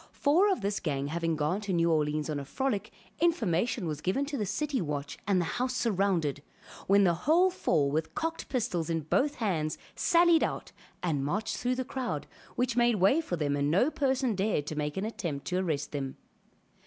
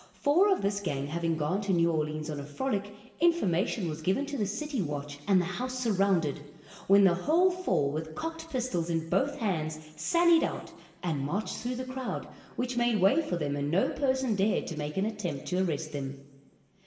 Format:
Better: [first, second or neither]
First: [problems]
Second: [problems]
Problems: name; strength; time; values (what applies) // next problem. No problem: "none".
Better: first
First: none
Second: room echo; dies away in 1.1 s